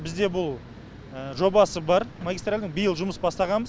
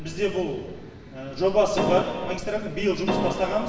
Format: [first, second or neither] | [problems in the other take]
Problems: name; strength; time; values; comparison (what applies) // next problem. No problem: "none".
first | background sound (Keyboard (musical)); 1 dB below the speech // room echo; dies away in 1.2 s